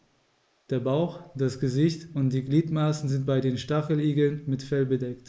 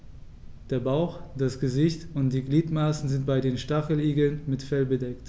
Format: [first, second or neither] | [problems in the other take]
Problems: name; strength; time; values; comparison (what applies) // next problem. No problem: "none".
second | noise reduction (neural mask model Resemble Enhance denoiser)